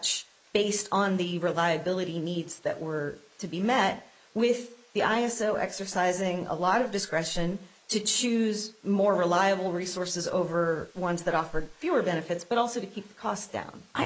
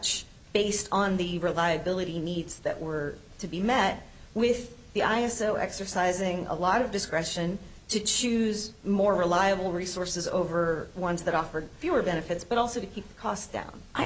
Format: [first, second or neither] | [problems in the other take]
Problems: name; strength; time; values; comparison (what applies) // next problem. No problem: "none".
second | noise reduction (neural mask model Resemble Enhance denoiser)